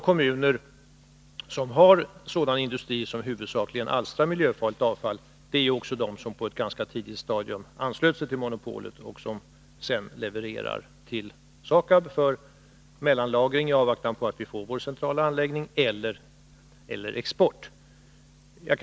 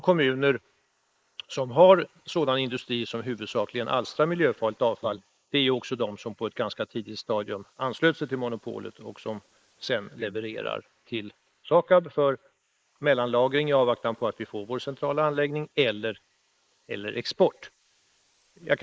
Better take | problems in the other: first | noise reduction (neural mask model Resemble Enhance denoiser)

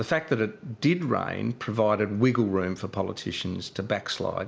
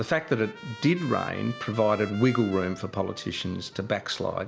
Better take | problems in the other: first | background sound (Trumpet); 18 dB below the speech

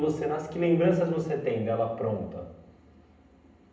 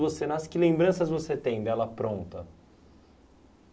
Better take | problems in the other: second | room echo; dies away in 0.8 s

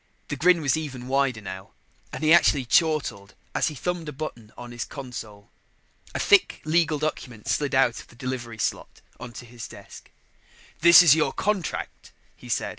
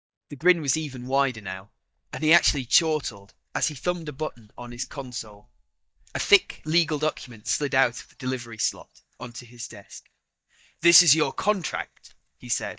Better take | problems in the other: first | noise reduction (neural mask model DeepFilterNet 3)

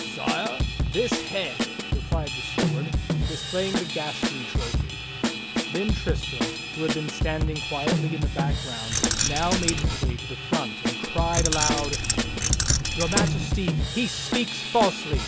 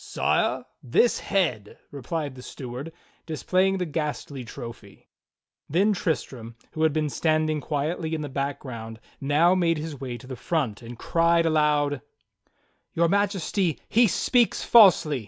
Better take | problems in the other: second | background sound (Keys jangling + Drum / Drum kit); 4 dB above the speech

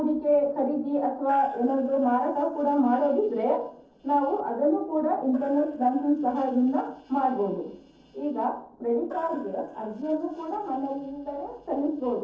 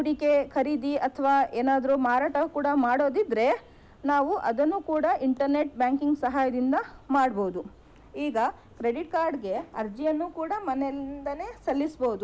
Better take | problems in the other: second | noise reduction (neural separator model SepFormer DNS4)

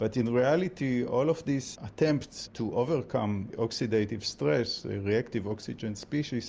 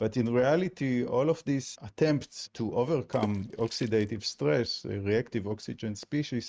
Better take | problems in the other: first | noise reduction (neural mask model RNNoise)

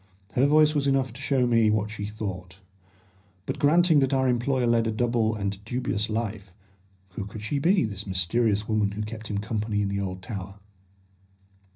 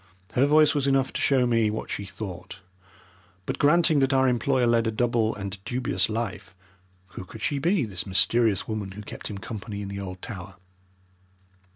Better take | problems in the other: second | room echo; dies away in 0.5 s

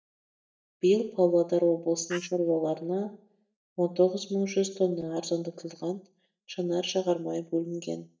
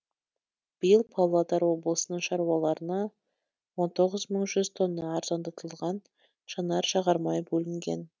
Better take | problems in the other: second | noise reduction (neural mask model DeepFilterNet 3)

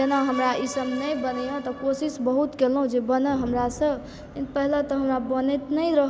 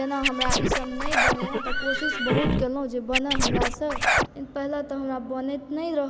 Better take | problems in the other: first | background sound (Livestock, farm animals, working animals + Scratching (performance technique)); 5 dB above the speech

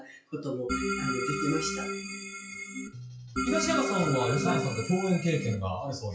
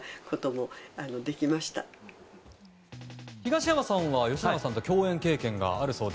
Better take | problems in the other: second | noise reduction (classical method WPE with log-MMSE)

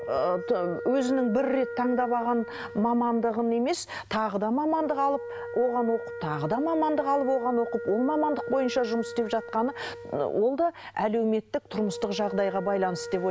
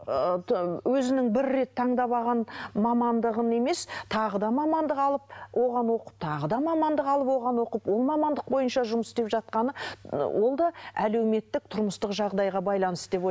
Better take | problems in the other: second | background sound (Wind instrument, woodwind instrument); 11 dB below the speech

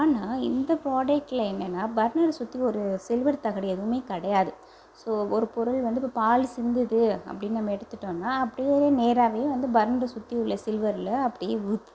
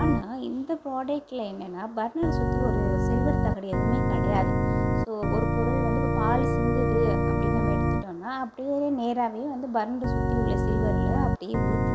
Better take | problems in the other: first | background sound (Organ); 4 dB above the speech

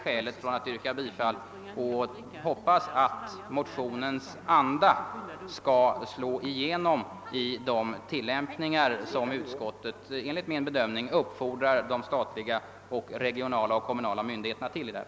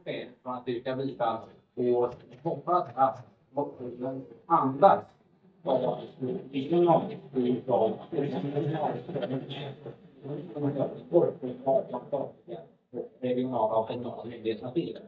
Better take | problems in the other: first | noise reduction (neural mask model DeepFilterNet 3)

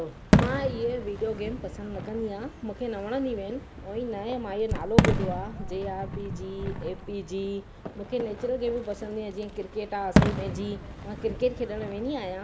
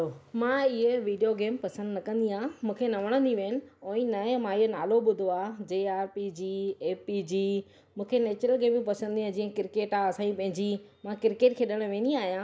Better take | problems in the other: second | background sound (Fireworks); 2 dB above the speech

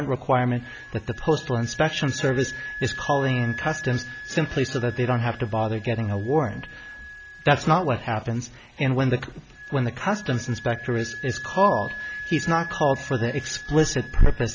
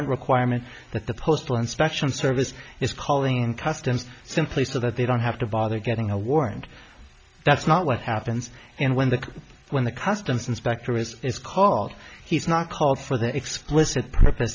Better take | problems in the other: second | background sound (Wind instrument, woodwind instrument); 14 dB below the speech

